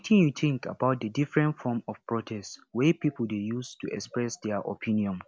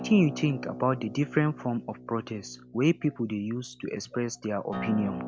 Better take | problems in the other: first | background sound (Acoustic guitar); 12 dB below the speech

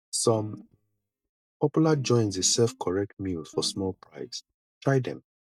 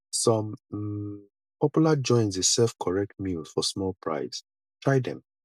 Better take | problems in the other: second | noise reduction (neural mask model DeepFilterNet 3)

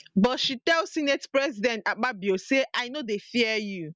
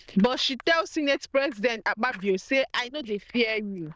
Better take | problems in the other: first | noise reduction (neural diffusion model UNIVERSE++)

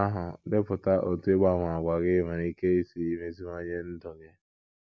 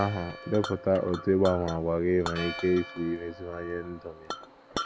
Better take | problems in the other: first | background sound (Chink, clink + Church bell); 11 dB below the speech

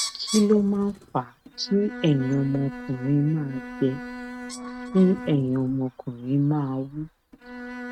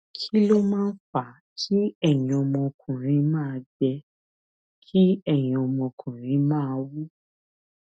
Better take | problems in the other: second | noise reduction (neural mask model RNNoise)

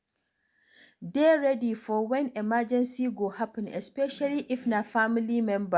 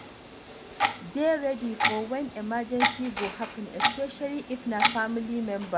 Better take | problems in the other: first | background sound (Clock); 1 dB below the speech

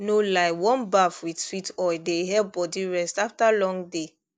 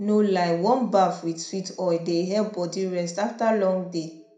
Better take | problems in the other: first | room echo; dies away in 0.4 s

